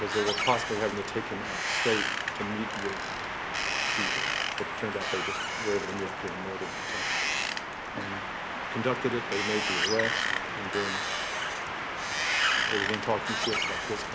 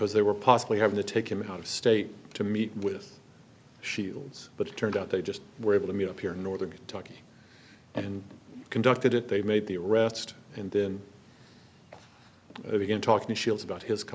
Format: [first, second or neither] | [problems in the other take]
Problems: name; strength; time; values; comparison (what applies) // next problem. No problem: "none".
second | background sound (Wind); 3 dB above the speech